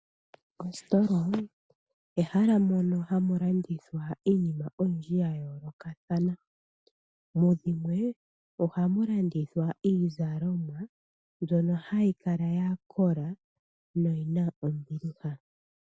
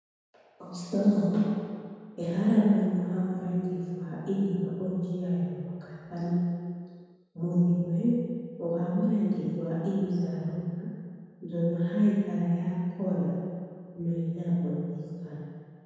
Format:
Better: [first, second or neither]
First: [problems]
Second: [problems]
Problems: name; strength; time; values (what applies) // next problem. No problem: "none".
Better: first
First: none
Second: room echo; dies away in 1.9 s